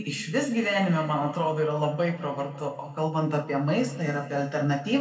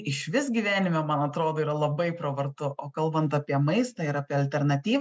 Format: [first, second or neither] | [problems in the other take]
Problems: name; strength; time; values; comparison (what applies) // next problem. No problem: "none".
second | room echo; dies away in 1.7 s